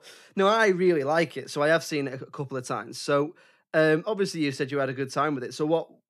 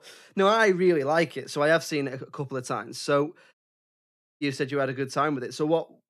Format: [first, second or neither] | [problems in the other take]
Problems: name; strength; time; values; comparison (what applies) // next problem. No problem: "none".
first | audio cutting out; at 3.5 s for 1 s